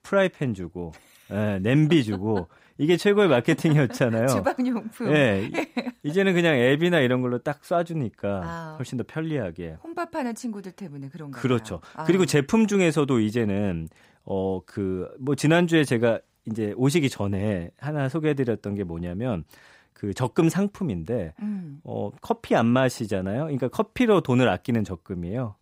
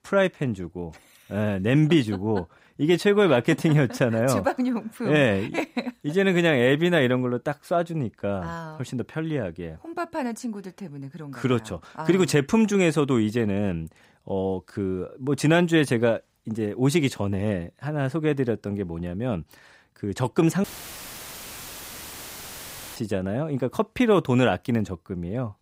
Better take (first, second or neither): first